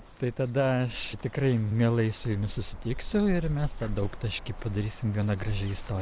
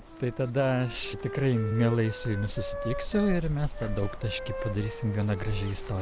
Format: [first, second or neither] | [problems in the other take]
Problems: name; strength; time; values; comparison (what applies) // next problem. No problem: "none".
first | background sound (Wind instrument, woodwind instrument); 11 dB below the speech